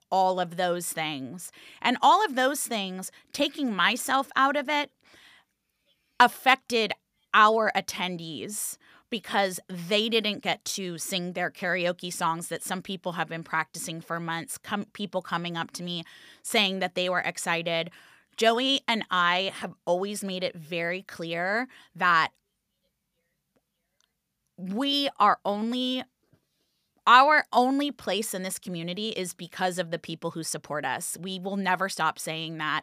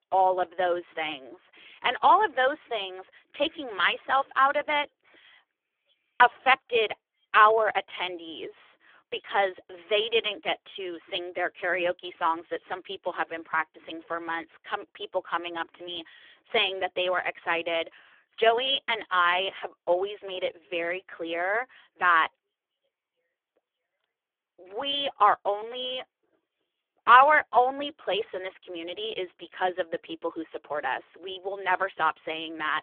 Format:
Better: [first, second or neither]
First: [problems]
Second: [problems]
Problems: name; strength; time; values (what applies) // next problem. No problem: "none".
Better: first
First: none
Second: phone-call audio; poor line; nothing above 3.5 kHz